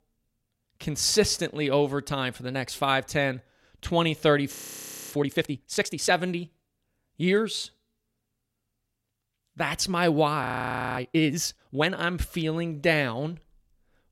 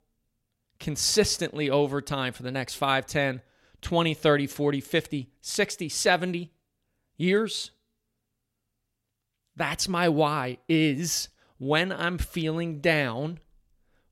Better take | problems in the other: second | audio freezing; at 4.5 s for 0.5 s and at 10 s for 0.5 s

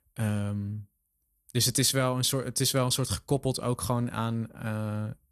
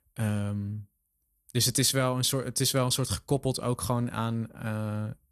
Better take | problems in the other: neither | none

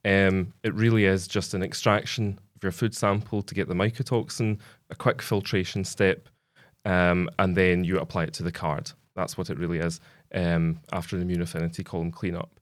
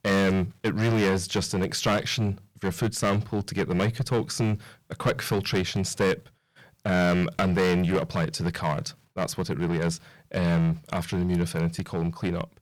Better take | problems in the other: first | distortion; heavy; 9% of the sound clipped

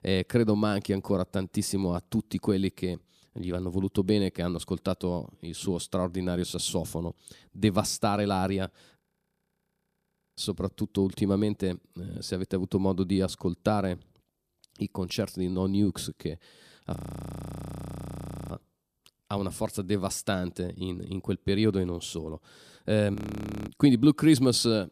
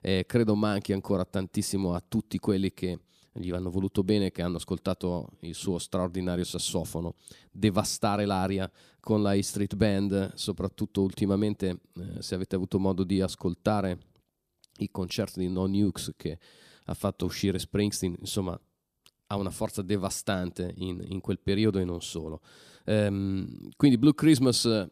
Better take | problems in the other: second | audio freezing; at 9 s for 1.5 s, at 17 s for 1.5 s and at 23 s for 0.5 s

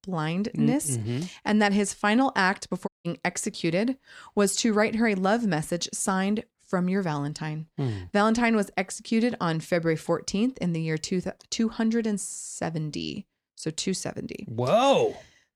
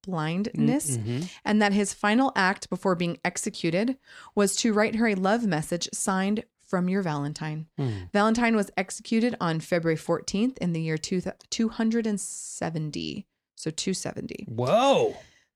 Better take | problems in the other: second | audio cutting out; at 3 s

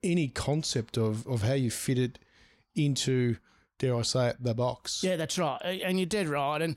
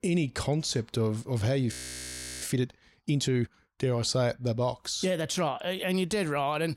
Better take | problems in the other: first | audio freezing; at 1.5 s for 0.5 s

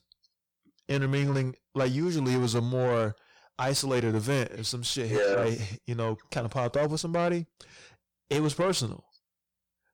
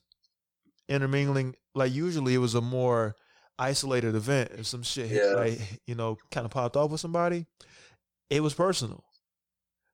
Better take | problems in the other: second | distortion; slight; 10 dB below the speech

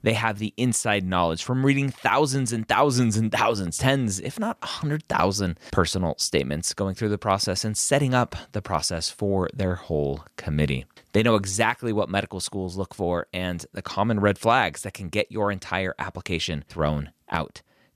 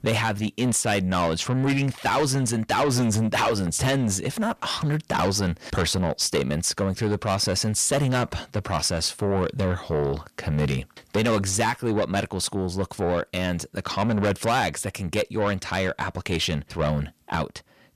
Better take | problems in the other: first | distortion; heavy; 7 dB below the speech

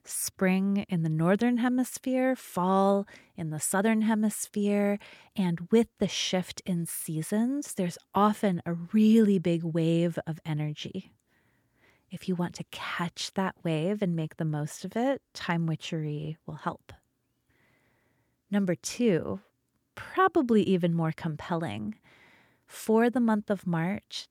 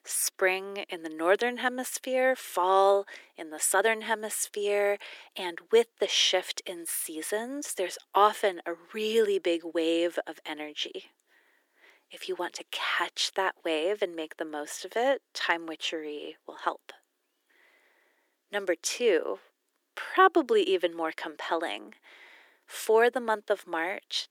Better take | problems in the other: first | thin; very; fading below 350 Hz

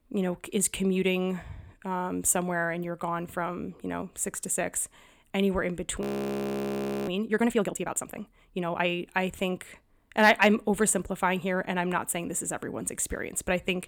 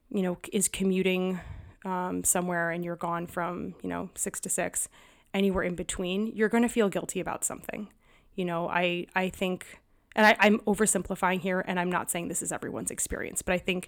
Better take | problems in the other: second | audio freezing; at 6 s for 1 s

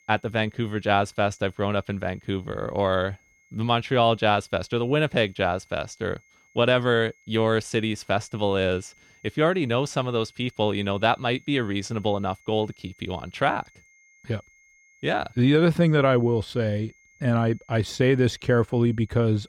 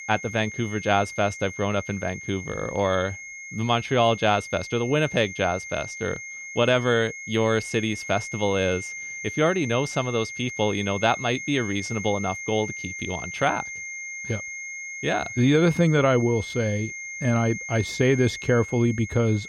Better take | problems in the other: first | high-pitched whine; loud; throughout; 2 kHz, 9 dB below the speech; faint in the first

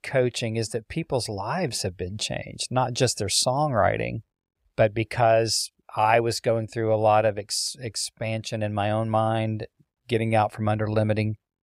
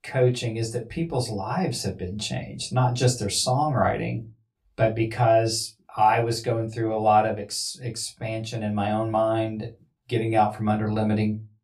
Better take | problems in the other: first | off-mic speech; far // room echo; very slight; dies away in 0.2 s

